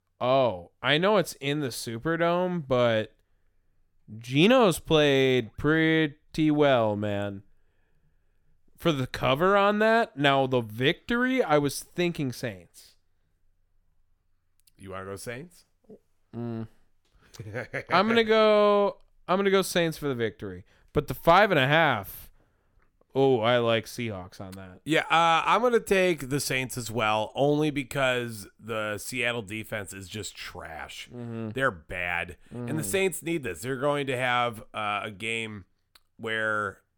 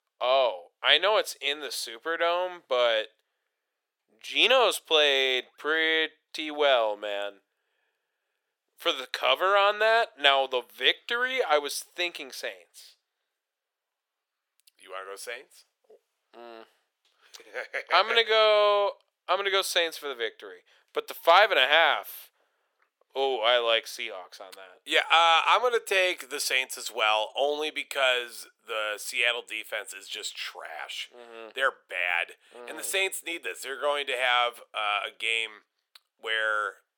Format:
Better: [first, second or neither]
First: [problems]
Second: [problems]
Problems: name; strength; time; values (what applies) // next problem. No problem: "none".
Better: first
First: none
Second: thin; very; fading below 450 Hz